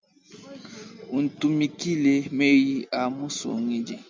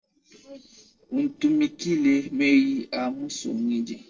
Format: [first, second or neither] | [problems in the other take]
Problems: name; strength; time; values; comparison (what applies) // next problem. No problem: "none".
first | noise reduction (neural separator model SepFormer DNS4)